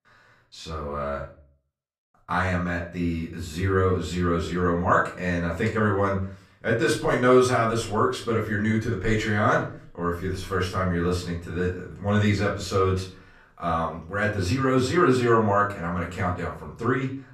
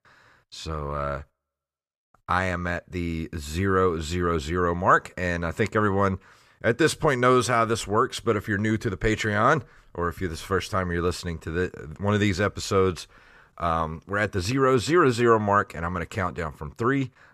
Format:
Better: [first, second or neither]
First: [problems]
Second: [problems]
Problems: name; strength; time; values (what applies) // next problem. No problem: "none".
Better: second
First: off-mic speech; far // room echo; slight; dies away in 0.4 s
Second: none